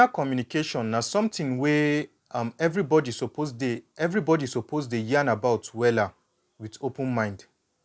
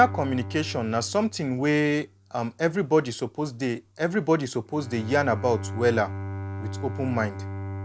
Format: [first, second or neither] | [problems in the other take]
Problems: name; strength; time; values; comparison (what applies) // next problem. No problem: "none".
first | background sound (Bowed string instrument); 10 dB below the speech